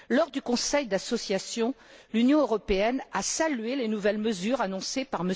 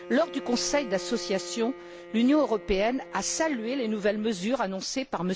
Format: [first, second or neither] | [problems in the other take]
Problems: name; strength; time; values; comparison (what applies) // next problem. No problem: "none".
first | background sound (Bowed string instrument); 15 dB below the speech